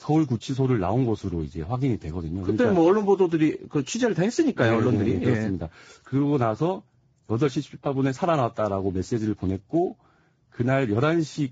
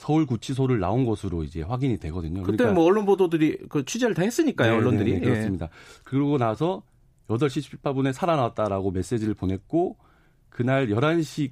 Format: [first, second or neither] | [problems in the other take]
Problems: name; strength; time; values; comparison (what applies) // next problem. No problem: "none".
second | garbled, watery; badly; nothing above 7.5 kHz